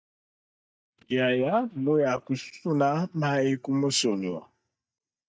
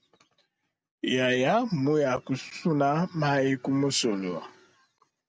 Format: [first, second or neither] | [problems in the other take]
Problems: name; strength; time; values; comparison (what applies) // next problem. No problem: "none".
second | noise reduction (neural mask model DeepFilterNet 3)